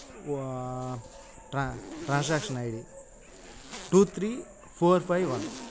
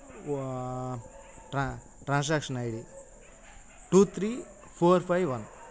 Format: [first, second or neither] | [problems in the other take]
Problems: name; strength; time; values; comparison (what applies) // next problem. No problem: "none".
second | background sound (Zipper (clothing)); 14 dB below the speech